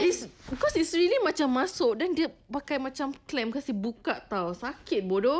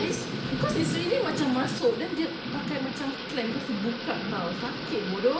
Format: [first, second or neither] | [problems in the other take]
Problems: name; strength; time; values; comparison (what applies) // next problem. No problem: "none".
first | background sound (Thunder / Rain); 3 dB below the speech // room echo; dies away in 0.8 s